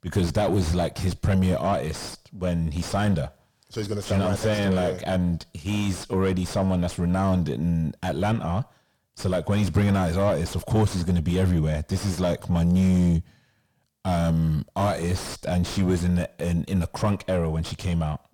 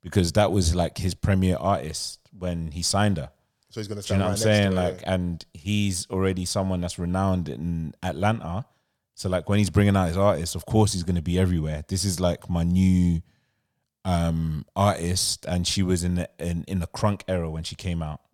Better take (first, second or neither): second